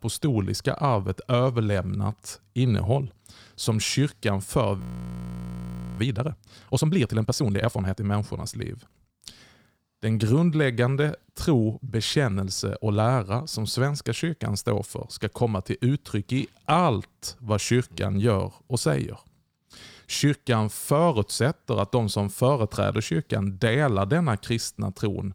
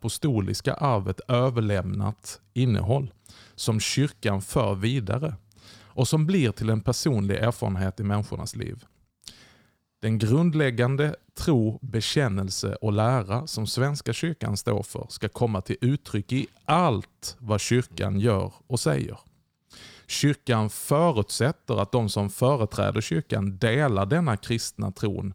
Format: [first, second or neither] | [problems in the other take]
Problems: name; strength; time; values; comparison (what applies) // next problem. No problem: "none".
second | audio freezing; at 5 s for 1 s